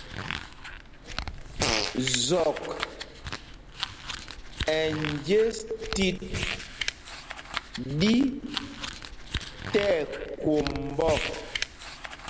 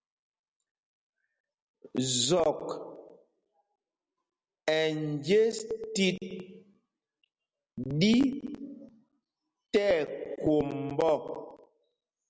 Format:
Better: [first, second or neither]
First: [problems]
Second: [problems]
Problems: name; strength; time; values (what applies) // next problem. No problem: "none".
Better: second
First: background sound (Fart + Crumpling, crinkling); 5 dB below the speech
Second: none